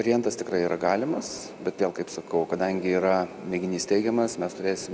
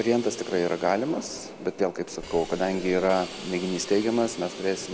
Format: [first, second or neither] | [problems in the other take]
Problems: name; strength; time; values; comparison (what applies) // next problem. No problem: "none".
first | background sound (Hiss); 17 dB below the speech